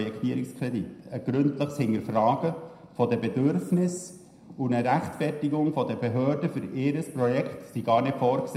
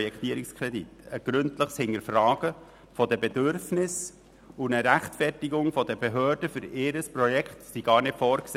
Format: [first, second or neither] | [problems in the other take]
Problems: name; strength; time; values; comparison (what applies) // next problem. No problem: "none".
second | room echo; dies away in 0.7 s